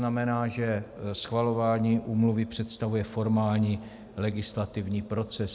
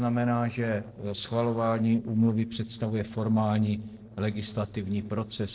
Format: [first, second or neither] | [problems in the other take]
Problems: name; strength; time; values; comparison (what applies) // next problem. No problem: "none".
first | noise reduction (neural separator model SepFormer DNS4)